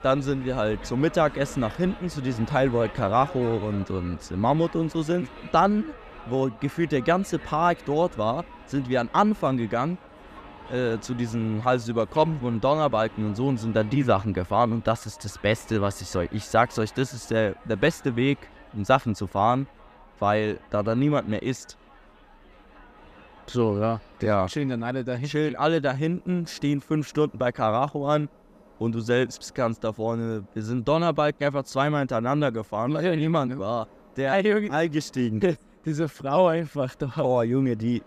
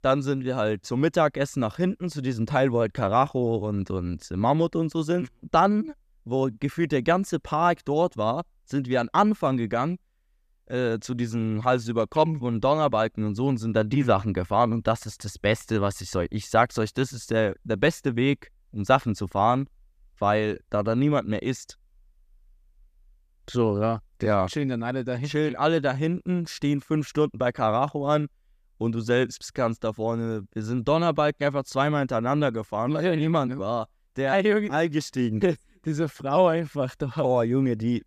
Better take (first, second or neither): second